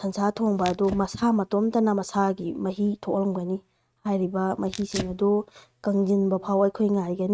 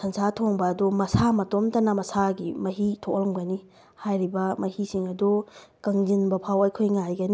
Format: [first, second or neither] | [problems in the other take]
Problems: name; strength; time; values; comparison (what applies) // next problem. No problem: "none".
second | noise reduction (neural mask model RNNoise)